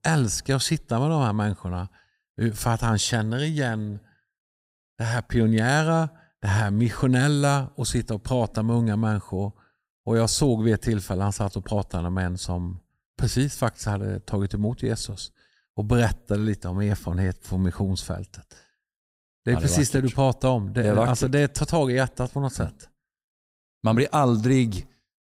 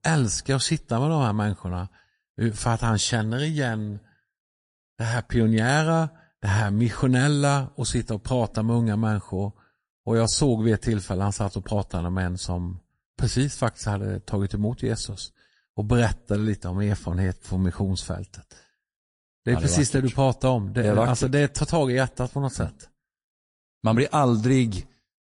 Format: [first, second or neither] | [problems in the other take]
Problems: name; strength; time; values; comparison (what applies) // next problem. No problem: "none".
first | garbled, watery; slightly; nothing above 10 kHz